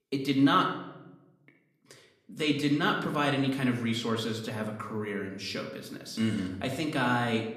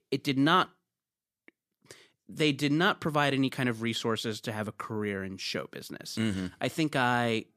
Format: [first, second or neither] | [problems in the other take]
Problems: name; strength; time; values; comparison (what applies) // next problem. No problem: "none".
second | room echo; slight; dies away in 0.7 s // off-mic speech; somewhat distant